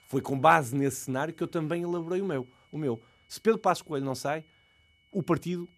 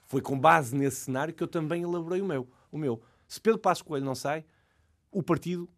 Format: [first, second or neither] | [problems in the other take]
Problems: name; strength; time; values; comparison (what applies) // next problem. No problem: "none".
second | high-pitched whine; faint; throughout; 2 kHz, 35 dB below the speech